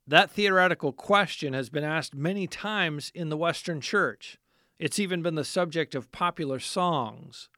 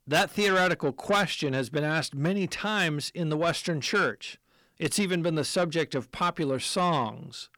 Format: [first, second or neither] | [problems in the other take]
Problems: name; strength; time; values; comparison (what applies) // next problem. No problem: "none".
first | distortion; heavy; 8 dB below the speech